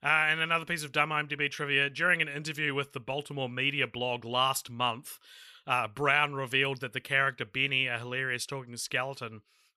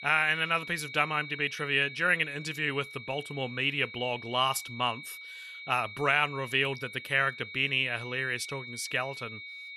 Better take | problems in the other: first | high-pitched whine; noticeable; throughout; 2.5 kHz, 10 dB below the speech

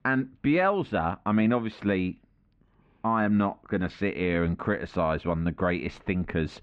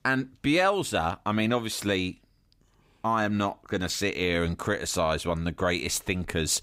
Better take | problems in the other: second | muffled; very; fading above 2.5 kHz

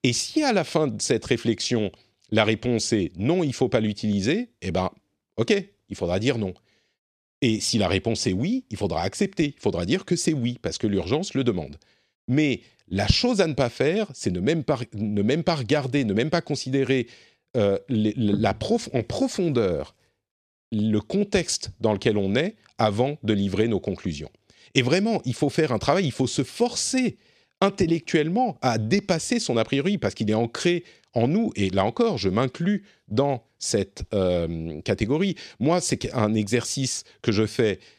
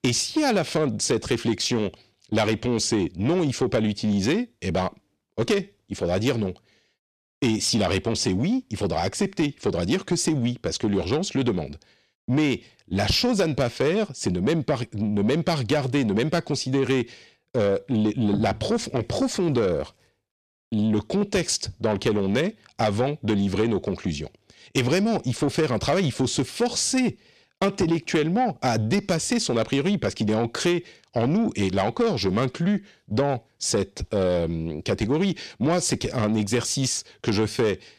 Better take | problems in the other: first | distortion; slight; 10 dB below the speech

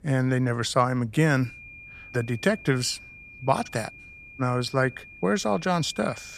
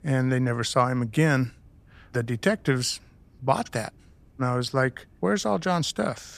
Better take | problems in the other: second | high-pitched whine; noticeable; from 1.5 s on; 2.5 kHz, 20 dB below the speech

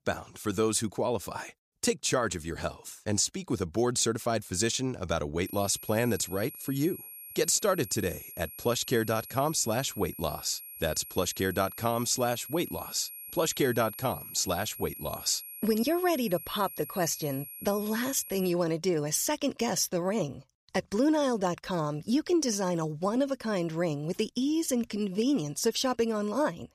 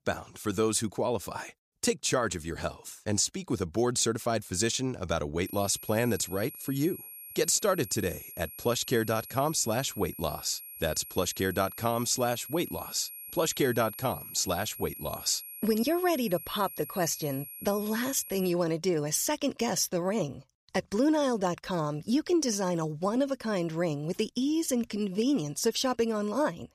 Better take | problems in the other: neither | high-pitched whine; noticeable; from 5.5 to 19 s; 11.5 kHz, 10 dB below the speech; the same in both

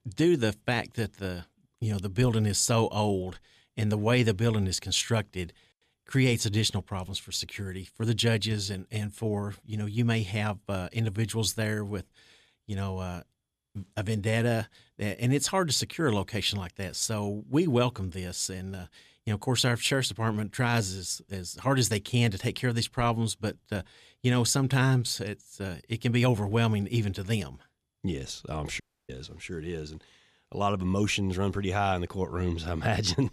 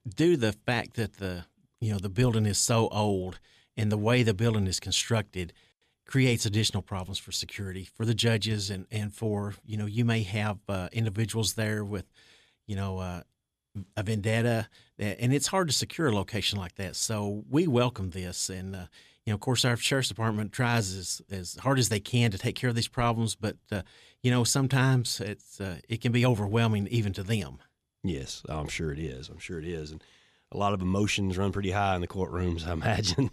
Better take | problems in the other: second | audio cutting out; at 29 s

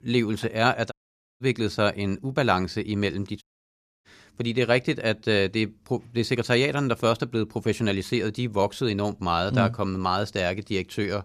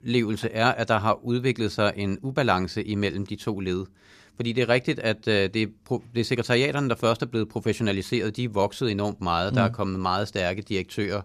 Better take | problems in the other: second | audio cutting out; at 1 s and at 3.5 s for 0.5 s

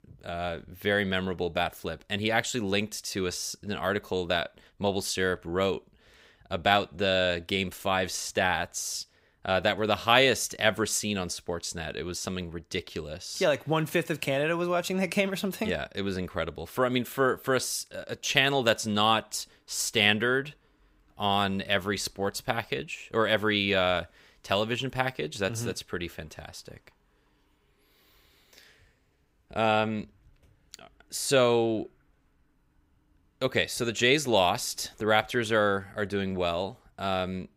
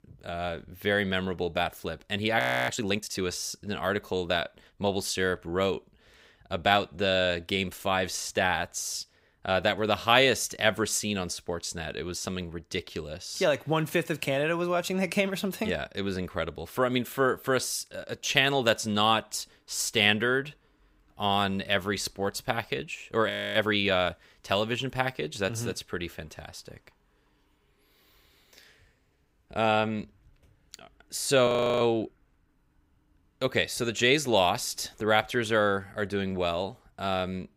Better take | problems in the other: first | audio freezing; at 2.5 s, at 23 s and at 31 s

